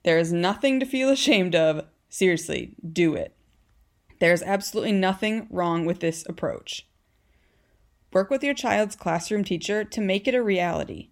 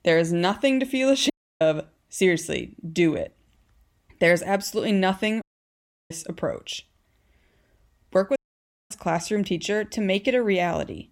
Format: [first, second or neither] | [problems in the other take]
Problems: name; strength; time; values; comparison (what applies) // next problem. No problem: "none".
first | audio cutting out; at 1.5 s, at 5.5 s for 0.5 s and at 8.5 s for 0.5 s